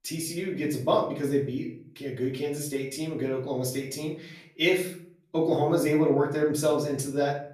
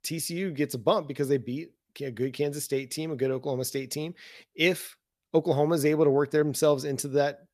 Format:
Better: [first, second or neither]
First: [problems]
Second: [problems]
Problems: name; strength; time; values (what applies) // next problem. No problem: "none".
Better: second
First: off-mic speech; far // room echo; slight; dies away in 0.4 s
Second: none